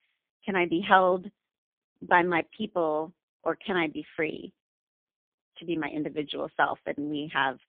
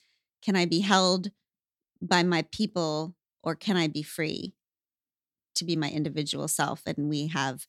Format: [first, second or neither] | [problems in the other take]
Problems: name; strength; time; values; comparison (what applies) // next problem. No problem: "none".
second | phone-call audio; poor line; nothing above 3.5 kHz